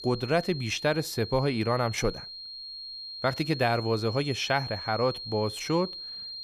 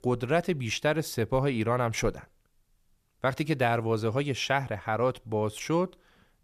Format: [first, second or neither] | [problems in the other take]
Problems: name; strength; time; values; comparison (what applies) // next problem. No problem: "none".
second | high-pitched whine; loud; throughout; 4 kHz, 9 dB below the speech